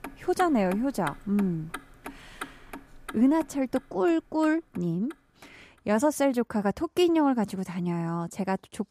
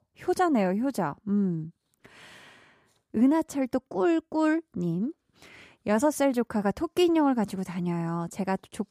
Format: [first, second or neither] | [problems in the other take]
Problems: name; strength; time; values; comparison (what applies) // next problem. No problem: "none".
second | traffic noise; noticeable; throughout; 15 dB below the speech